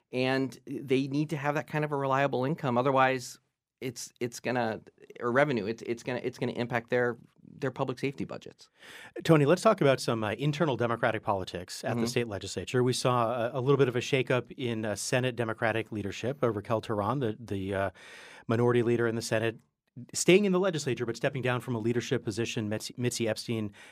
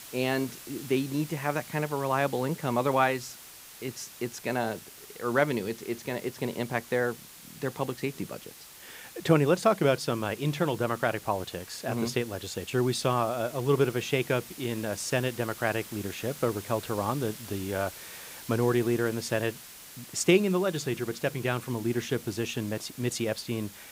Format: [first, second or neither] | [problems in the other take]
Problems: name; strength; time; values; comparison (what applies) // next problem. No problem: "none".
first | hiss; noticeable; throughout; 15 dB below the speech